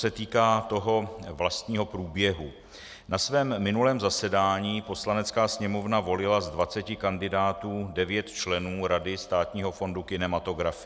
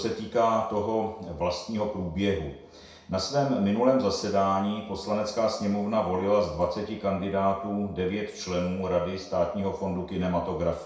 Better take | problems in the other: first | room echo; dies away in 0.6 s

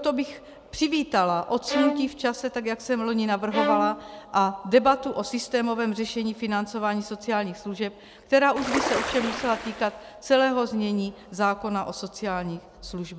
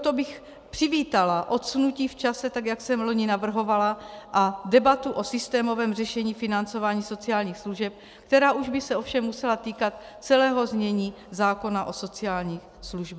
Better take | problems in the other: second | background sound (Bowed string instrument + Ocean); 5 dB below the speech

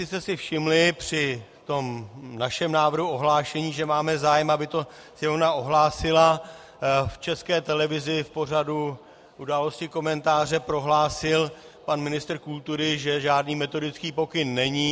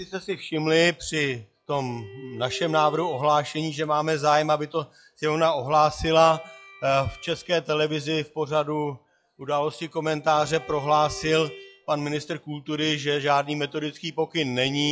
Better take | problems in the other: first | noise reduction (classical method log-MMSE)

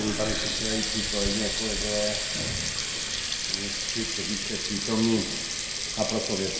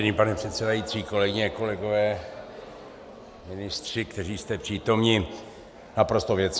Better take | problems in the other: second | background sound (Water tap, faucet); 2 dB above the speech // room echo; dies away in 0.6 s

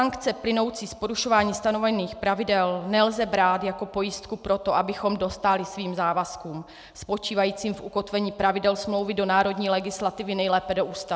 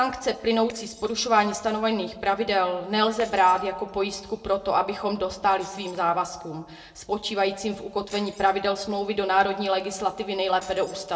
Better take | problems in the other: first | noise reduction (neural separator model SepFormer DNS4)

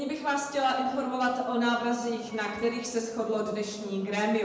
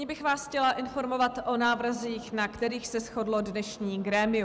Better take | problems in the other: second | background sound (Wind instrument, woodwind instrument); 19 dB below the speech // room echo; dies away in 0.9 s

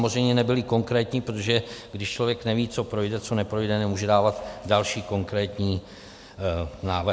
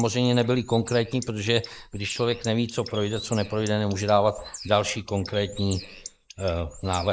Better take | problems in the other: first | noise reduction (neural mask model Resemble Enhance denoiser)

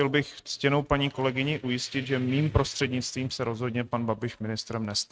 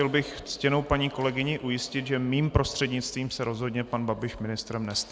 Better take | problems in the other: second | noise reduction (neural mask model RNNoise)

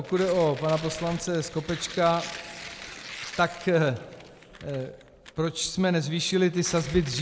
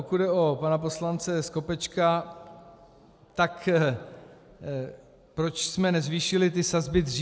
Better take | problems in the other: second | background sound (Tearing); 15 dB below the speech

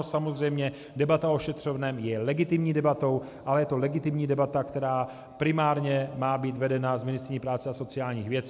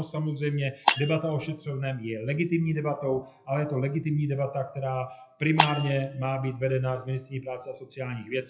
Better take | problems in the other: first | noise reduction (classical method WPE with log-MMSE)

